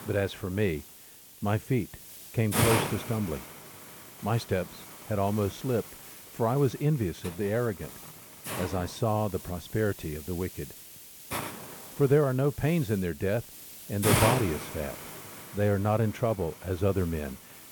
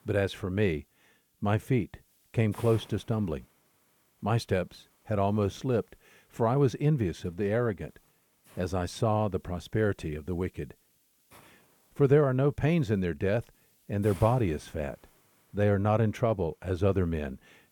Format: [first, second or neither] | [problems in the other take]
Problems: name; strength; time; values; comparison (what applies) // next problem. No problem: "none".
second | hiss; loud; throughout; 6 dB below the speech; faint in the second